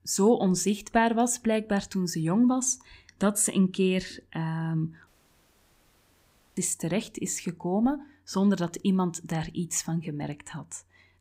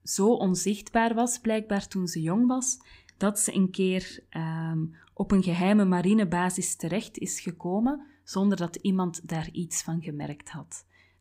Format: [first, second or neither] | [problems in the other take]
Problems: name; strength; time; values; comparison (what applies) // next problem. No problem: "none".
second | audio cutting out; at 5 s for 1.5 s